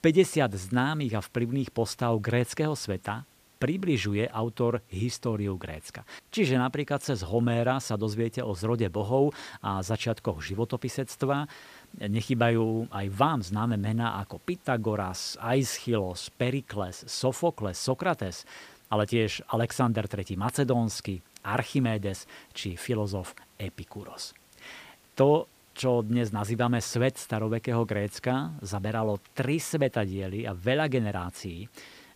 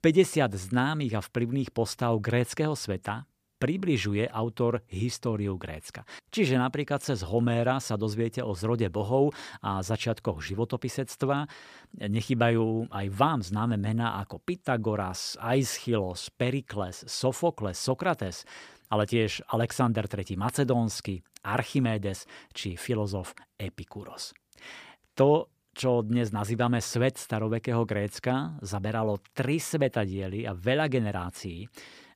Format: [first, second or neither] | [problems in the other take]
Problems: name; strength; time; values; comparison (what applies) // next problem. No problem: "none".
second | hiss; faint; throughout; 30 dB below the speech